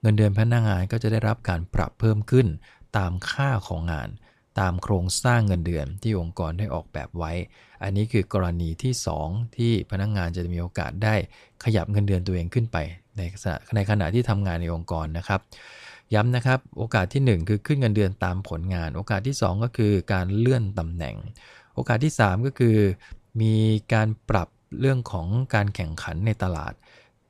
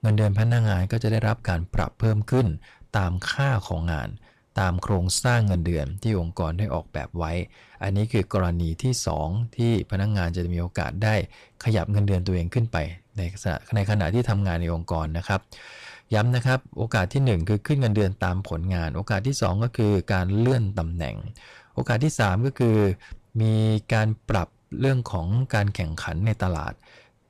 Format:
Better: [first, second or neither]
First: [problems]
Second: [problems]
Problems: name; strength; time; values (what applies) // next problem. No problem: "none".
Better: first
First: none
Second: distortion; slight; 5% of the sound clipped